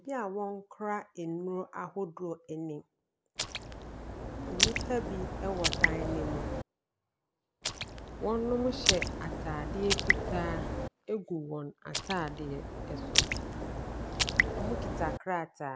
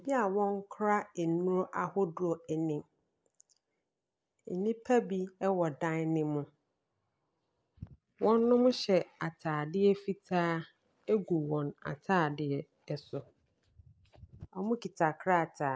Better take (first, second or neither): second